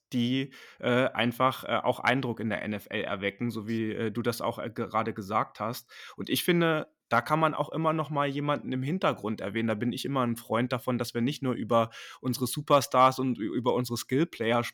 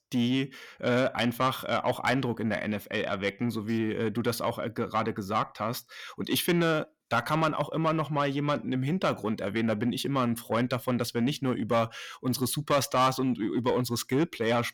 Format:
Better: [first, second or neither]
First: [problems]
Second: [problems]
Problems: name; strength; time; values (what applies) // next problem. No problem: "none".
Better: first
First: none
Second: distortion; slight; 10 dB below the speech